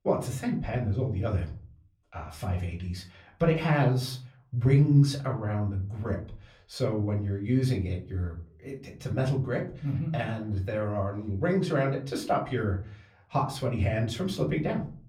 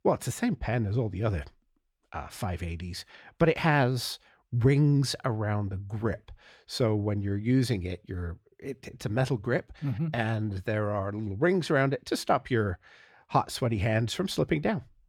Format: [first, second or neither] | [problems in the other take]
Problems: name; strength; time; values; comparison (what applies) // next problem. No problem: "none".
second | off-mic speech; far // room echo; very slight; dies away in 0.4 s